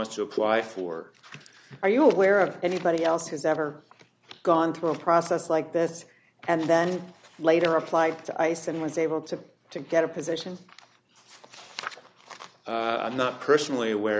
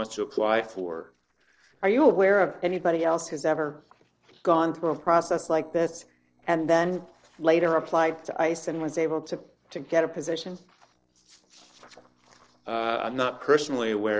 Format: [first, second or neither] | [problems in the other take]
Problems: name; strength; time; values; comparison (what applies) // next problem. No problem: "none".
first | noise reduction (neural separator model SepFormer DNS4)